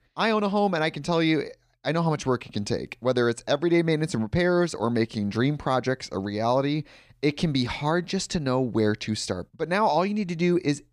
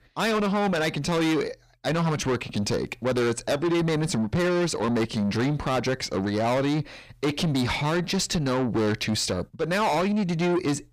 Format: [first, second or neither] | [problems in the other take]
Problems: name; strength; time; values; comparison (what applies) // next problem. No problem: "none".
first | distortion; heavy; 6 dB below the speech